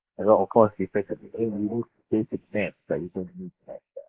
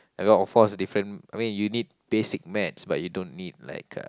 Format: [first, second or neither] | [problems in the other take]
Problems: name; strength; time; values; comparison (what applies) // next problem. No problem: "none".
second | noise reduction (neural mask model Resemble Enhance denoiser)